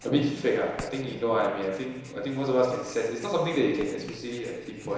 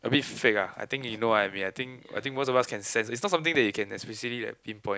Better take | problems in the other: second | background sound (Writing); 20 dB below the speech // room echo; dies away in 1 s

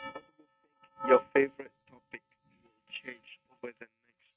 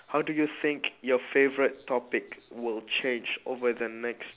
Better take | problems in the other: second | noise reduction (neural mask model RNNoise)

